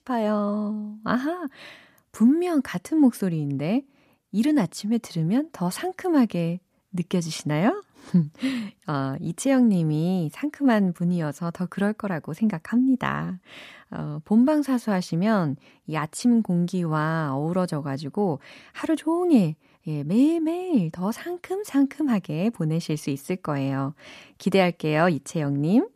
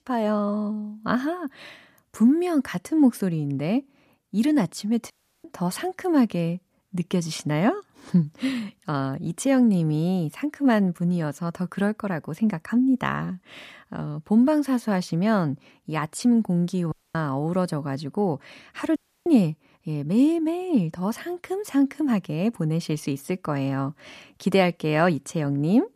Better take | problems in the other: first | audio cutting out; at 5 s, at 17 s and at 19 s

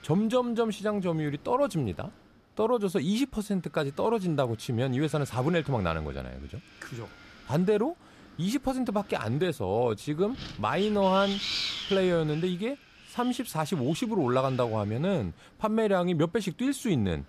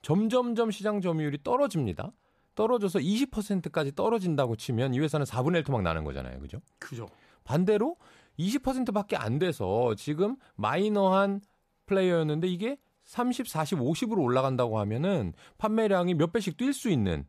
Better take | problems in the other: second | wind noise on the microphone; heavy; 8 dB below the speech

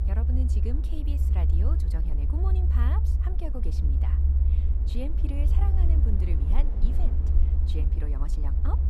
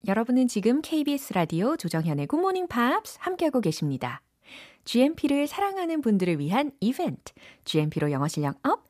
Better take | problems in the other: second | low rumble; loud; throughout; 1 dB below the speech

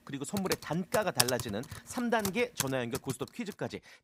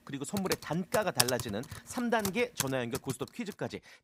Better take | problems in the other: neither | household noises; loud; until 3 s; 2 dB below the speech; the same in both

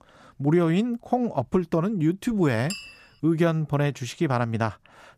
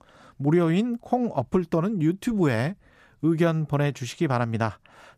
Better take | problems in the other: second | clattering dishes; faint; at 2.5 s; peak 10 dB below the speech

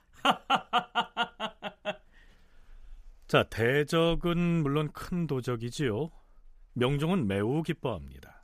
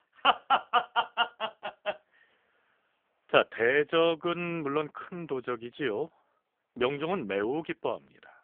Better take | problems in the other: first | phone-call audio; poor line; nothing above 3 kHz

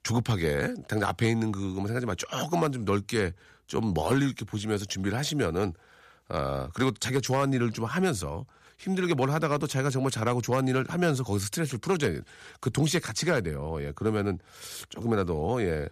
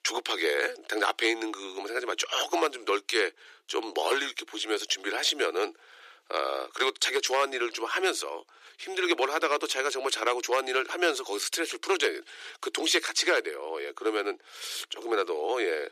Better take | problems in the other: first | thin; very; fading below 350 Hz

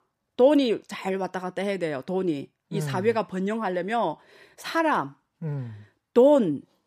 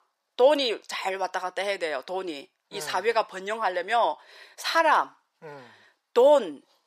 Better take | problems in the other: first | thin; very; fading below 700 Hz

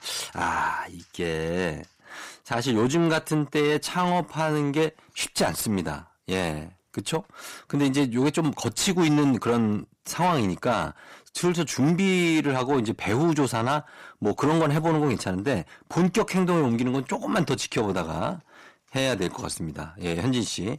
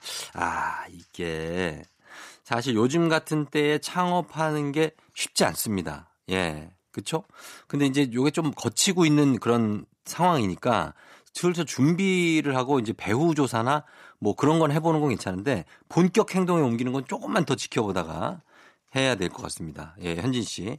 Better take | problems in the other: second | distortion; slight; 10 dB below the speech

